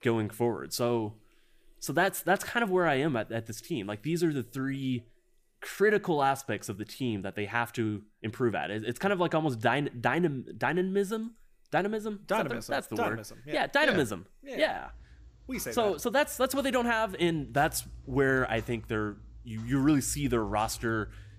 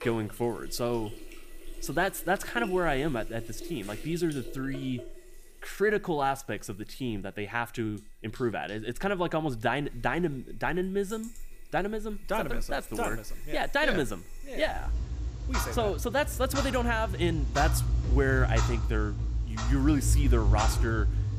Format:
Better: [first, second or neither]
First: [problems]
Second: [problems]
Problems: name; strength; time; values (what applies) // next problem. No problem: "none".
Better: first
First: household noises; faint; throughout; 20 dB below the speech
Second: household noises; loud; throughout; 1 dB below the speech